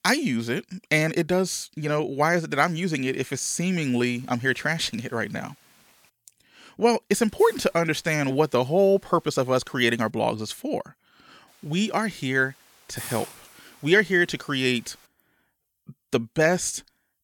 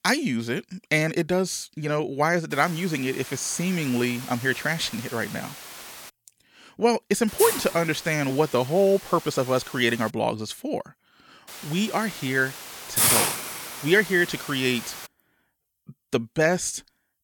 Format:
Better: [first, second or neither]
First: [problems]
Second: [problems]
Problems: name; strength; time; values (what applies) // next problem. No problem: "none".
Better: first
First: hiss; faint; from 2.5 to 6 s, from 7.5 to 10 s and from 11 to 15 s; 25 dB below the speech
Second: hiss; loud; from 2.5 to 6 s, from 7.5 to 10 s and from 11 to 15 s; 5 dB below the speech